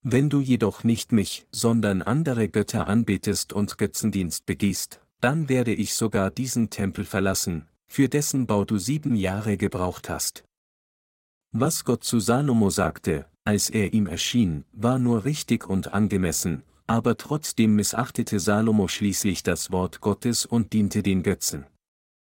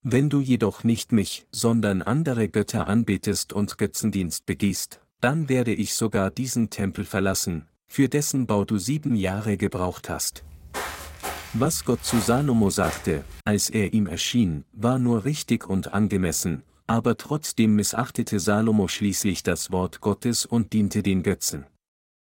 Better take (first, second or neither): first